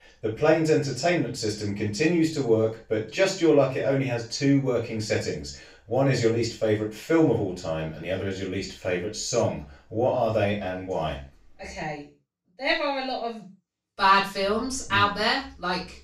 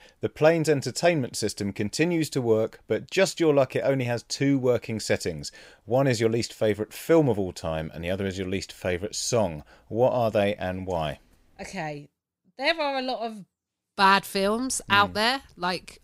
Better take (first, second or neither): second